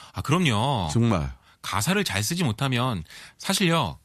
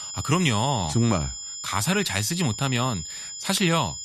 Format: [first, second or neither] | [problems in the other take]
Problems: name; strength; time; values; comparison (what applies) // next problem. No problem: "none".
first | high-pitched whine; loud; throughout; 7 kHz, 8 dB below the speech